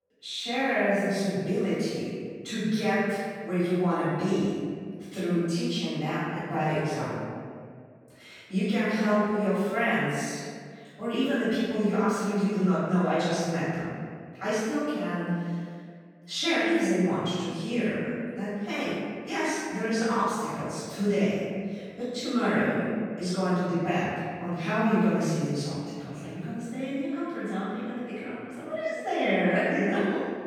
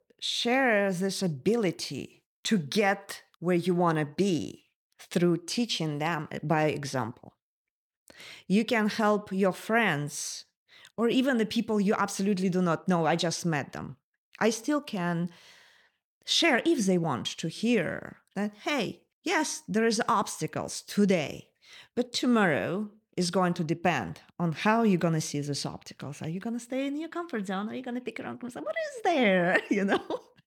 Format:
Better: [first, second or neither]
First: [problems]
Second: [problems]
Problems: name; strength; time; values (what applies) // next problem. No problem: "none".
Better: second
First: off-mic speech; far // room echo; strong; dies away in 1.8 s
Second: none